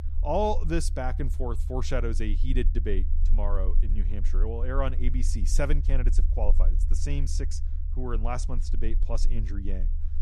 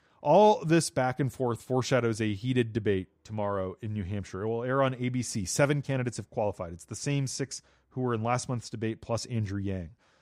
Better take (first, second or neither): second